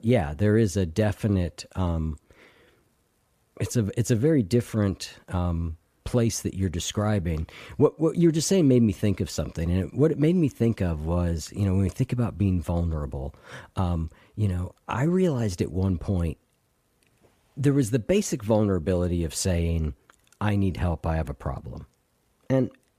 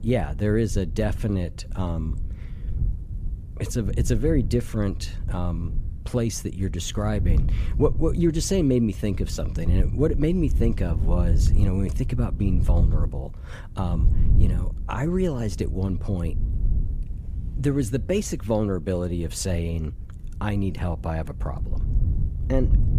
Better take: first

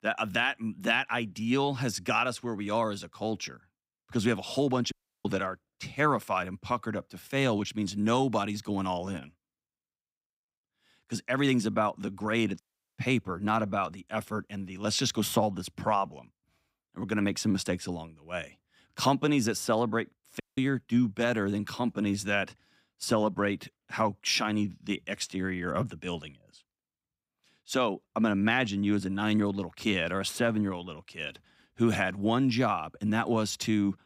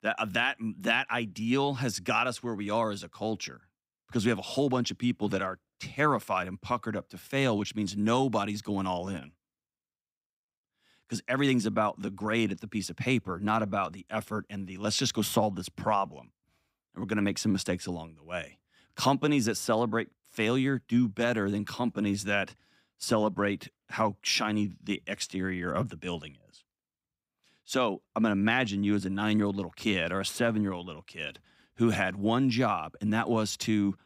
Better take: second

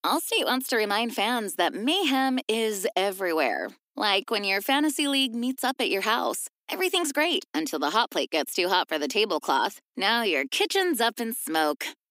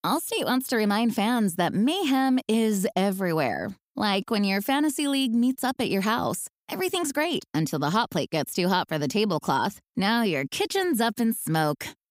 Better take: second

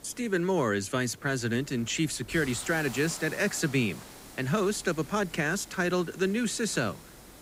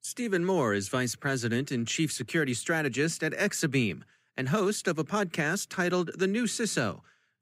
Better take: second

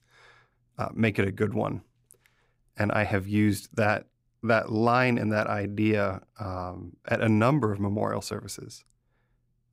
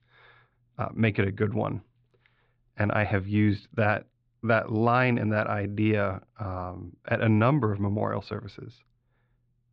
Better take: first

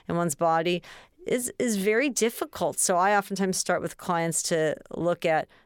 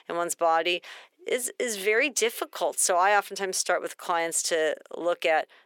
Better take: first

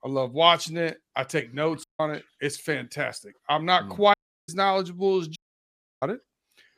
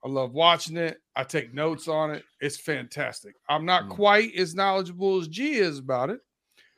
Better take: second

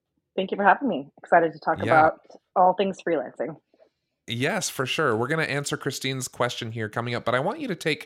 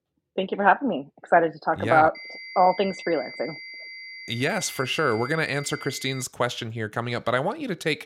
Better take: first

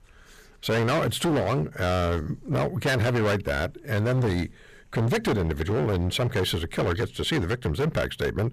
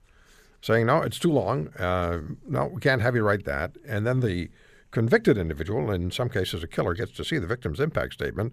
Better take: second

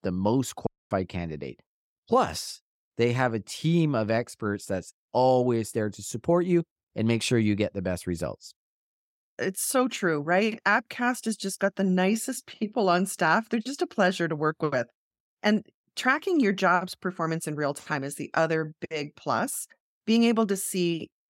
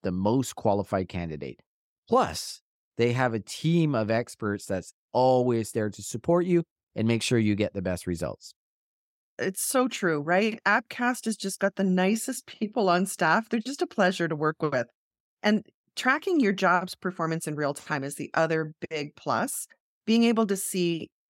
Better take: second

